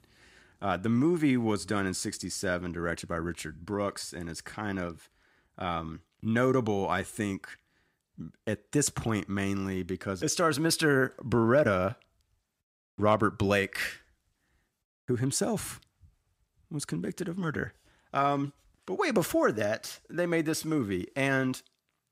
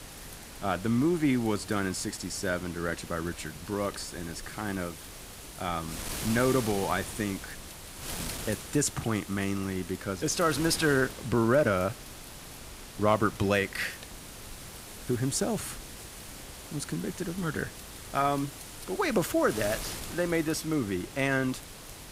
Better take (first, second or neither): first